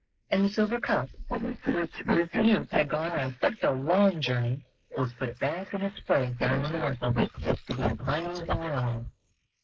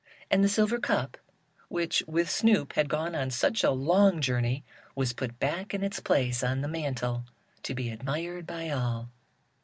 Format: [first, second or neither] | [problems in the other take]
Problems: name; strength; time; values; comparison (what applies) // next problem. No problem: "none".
second | noise reduction (neural mask model Resemble Enhance denoiser)